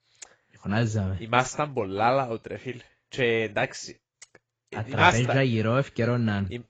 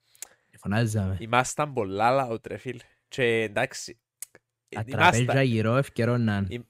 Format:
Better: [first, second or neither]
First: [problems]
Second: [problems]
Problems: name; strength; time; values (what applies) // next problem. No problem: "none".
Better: second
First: garbled, watery; badly; nothing above 7.5 kHz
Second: none